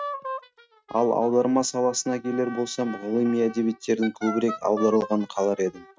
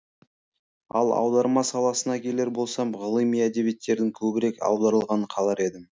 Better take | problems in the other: second | noise reduction (neural mask model RNNoise)

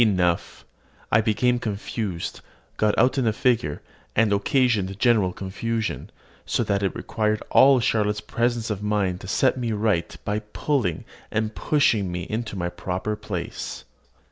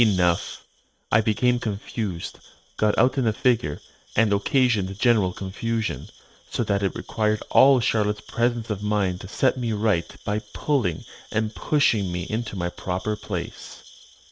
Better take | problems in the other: first | noise reduction (neural mask model RNNoise)

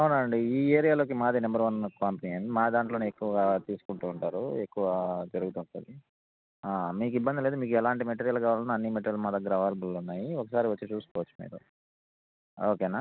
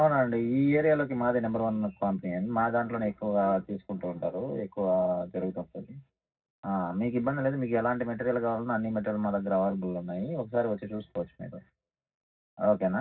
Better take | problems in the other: first | room echo; dies away in 0.4 s

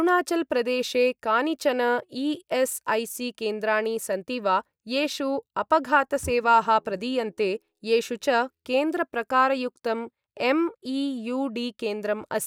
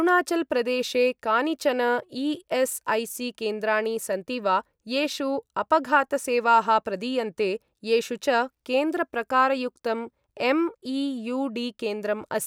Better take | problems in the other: second | noise reduction (neural mask model DeepFilterNet 3)

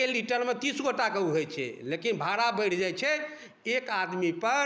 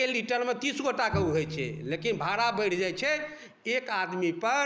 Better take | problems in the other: first | background sound (Bowed string instrument); 10 dB below the speech

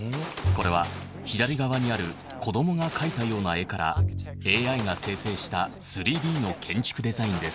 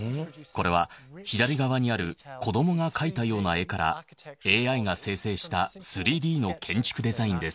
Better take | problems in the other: second | background sound (Gunshot, gunfire + Bowed string instrument); 6 dB below the speech

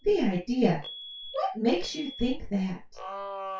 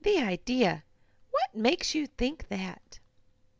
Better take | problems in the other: second | noise reduction (classical method WPE with log-MMSE)

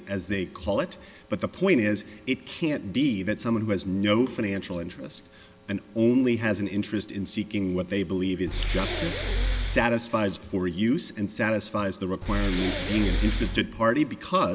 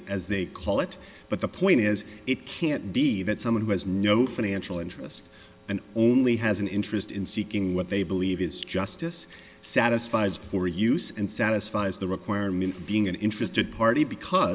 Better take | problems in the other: second | background sound (Breathing); as loud as the speech

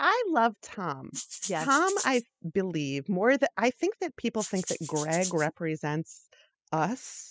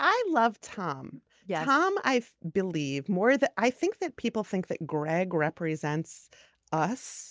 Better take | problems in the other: second | noise reduction (classical method spectral subtraction)

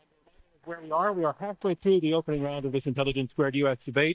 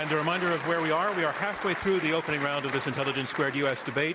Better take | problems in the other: second | noise reduction (neural mask model DeepFilterNet 3)

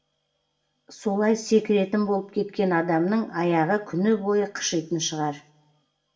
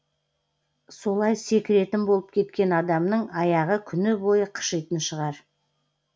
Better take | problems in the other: second | room echo; dies away in 0.5 s

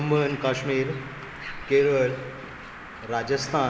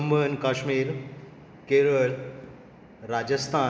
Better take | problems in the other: second | background sound (Bird); 14 dB below the speech

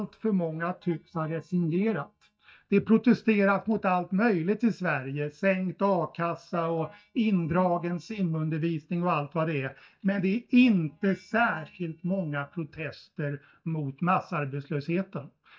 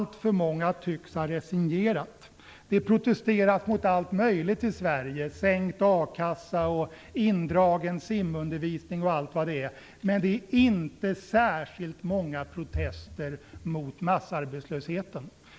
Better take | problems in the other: second | noise reduction (neural mask model DeepFilterNet 3)

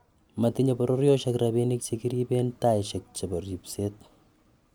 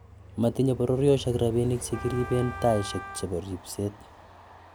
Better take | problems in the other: first | background sound (Train + Wind instrument, woodwind instrument); 13 dB below the speech

